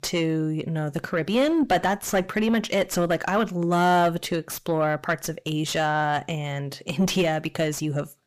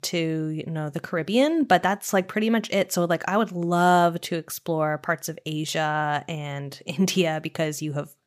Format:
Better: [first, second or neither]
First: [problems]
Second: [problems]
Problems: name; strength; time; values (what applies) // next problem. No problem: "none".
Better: second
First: distortion; slight; 9 dB below the speech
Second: none